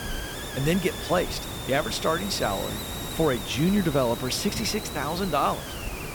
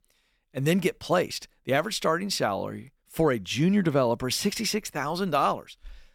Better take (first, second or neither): second